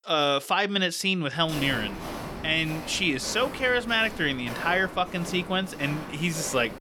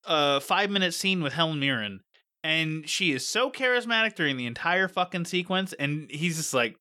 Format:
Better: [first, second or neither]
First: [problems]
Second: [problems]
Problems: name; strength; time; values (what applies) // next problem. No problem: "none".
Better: second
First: footsteps; noticeable; from 1.5 s on; peak 8 dB below the speech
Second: none